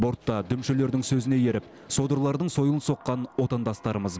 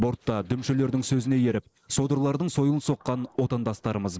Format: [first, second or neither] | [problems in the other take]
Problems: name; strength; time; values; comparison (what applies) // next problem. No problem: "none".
first | noise reduction (neural mask model Resemble Enhance denoiser)